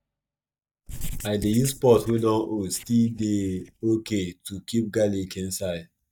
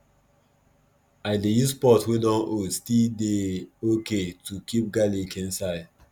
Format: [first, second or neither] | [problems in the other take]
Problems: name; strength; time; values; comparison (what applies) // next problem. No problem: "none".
second | noise reduction (neural mask model DeepFilterNet 3)